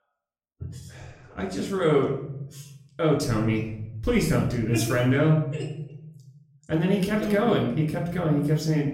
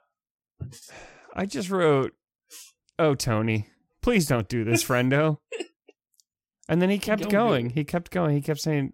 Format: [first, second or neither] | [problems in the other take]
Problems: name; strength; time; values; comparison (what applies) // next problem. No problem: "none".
second | off-mic speech; far // room echo; noticeable; dies away in 1.2 s